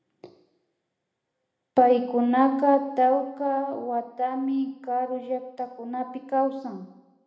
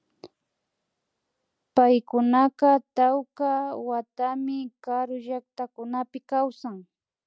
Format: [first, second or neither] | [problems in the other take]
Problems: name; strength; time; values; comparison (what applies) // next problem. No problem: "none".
second | room echo; dies away in 0.9 s